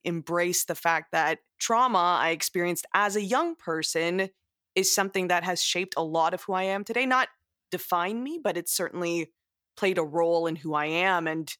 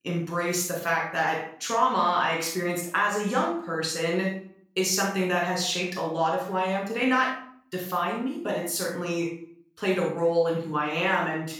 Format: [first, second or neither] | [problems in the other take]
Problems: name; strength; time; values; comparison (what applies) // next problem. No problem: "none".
first | off-mic speech; far // room echo; noticeable; dies away in 0.5 s